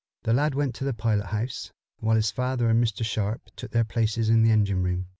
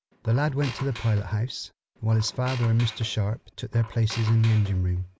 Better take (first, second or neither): first